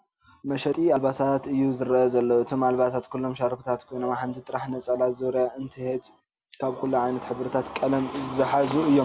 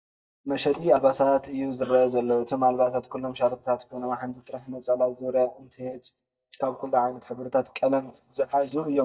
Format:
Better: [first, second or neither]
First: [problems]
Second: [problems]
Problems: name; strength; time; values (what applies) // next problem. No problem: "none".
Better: first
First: none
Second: noise reduction (neural mask model DeepFilterNet 3)